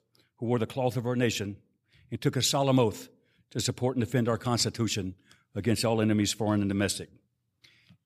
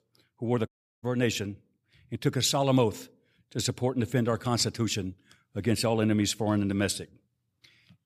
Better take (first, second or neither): first